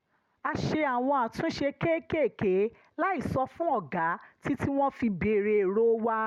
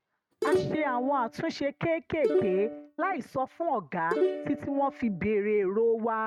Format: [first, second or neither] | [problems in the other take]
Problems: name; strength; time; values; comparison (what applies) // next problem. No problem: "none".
first | noise reduction (neural mask model RNNoise)